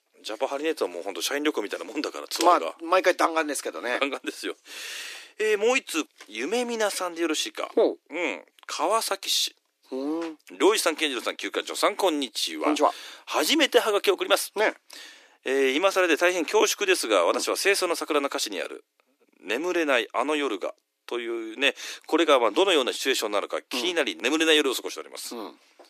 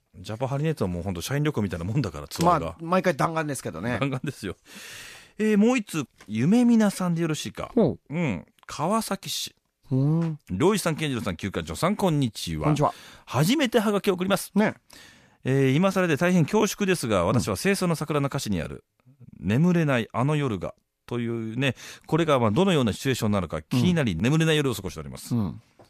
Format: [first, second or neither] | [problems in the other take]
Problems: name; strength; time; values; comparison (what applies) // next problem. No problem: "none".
second | thin; very; fading below 300 Hz